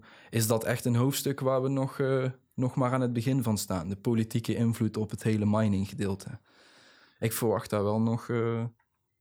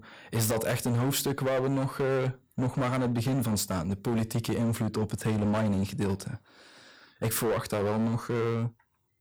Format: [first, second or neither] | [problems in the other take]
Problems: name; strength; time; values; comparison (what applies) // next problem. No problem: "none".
first | distortion; heavy; 18% of the sound clipped